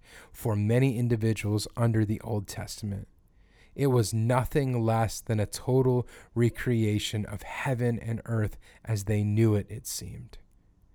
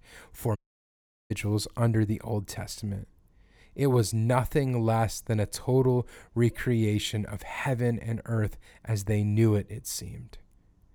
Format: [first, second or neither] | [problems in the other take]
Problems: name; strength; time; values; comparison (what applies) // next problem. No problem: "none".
first | audio cutting out; at 0.5 s for 0.5 s